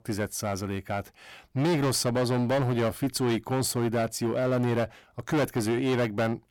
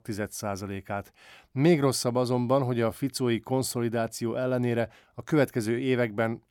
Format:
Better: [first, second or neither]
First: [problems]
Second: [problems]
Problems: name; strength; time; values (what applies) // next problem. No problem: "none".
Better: second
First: distortion; heavy; 15% of the sound clipped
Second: none